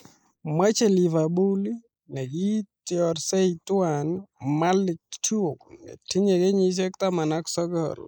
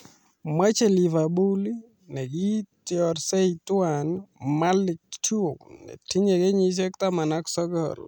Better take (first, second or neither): second